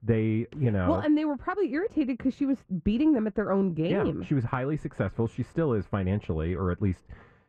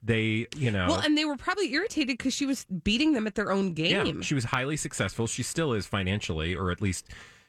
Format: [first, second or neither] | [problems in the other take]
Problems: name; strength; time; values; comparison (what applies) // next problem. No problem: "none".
second | muffled; very; fading above 2.5 kHz